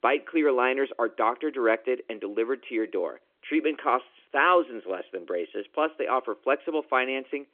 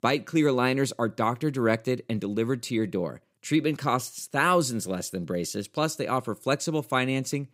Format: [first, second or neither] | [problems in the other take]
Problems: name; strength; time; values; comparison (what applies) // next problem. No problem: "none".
second | phone-call audio